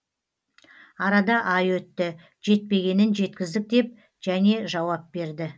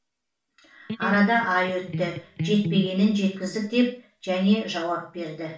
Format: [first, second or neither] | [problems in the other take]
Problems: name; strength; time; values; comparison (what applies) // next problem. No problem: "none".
first | background sound (Electric guitar); 6 dB below the speech // room echo; dies away in 0.4 s